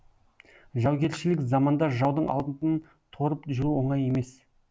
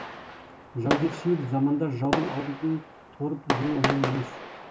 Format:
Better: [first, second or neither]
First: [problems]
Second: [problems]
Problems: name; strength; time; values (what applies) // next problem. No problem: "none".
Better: first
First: none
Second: background sound (Fireworks); 4 dB below the speech // room echo; dies away in 0.2 s